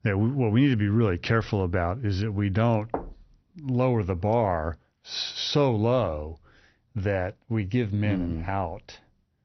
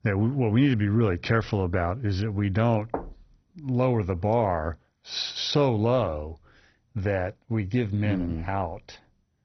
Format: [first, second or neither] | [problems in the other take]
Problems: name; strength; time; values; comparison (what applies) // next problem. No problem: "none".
first | garbled, watery; badly; nothing above 6 kHz; slightly in the first